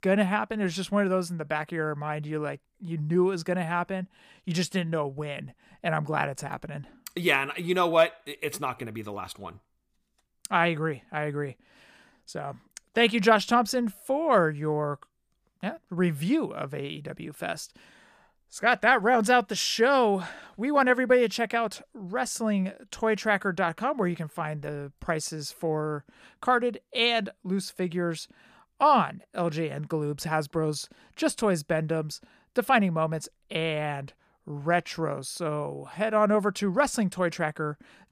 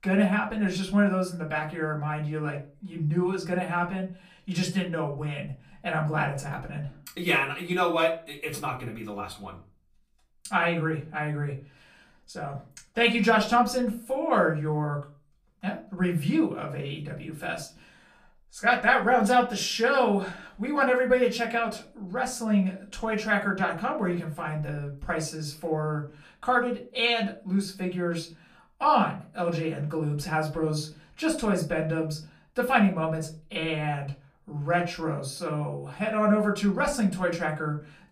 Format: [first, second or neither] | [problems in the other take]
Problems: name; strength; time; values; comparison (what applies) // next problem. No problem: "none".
first | off-mic speech; far // room echo; very slight; dies away in 0.3 s